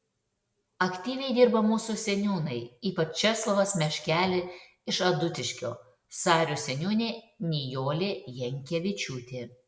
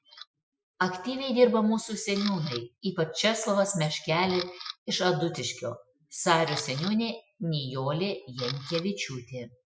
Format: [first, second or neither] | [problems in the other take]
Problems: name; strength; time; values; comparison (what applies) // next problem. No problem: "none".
first | noise reduction (classical method Wiener filter)